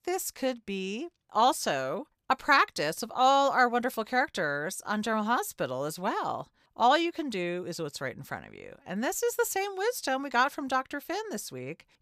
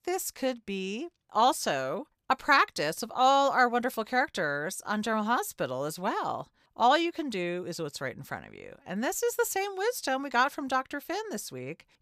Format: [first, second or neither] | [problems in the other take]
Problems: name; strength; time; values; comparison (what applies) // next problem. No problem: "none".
neither | none